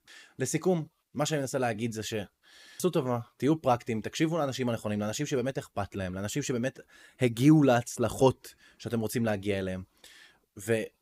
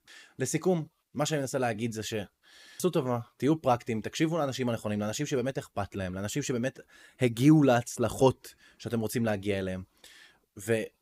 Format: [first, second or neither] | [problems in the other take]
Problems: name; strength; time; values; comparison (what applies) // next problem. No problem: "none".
neither | none